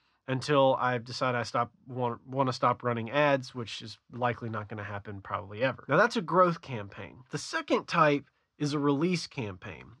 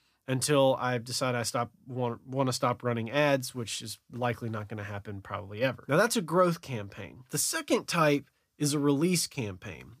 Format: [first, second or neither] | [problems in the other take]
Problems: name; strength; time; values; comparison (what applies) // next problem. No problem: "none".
second | muffled; slightly; fading above 5 kHz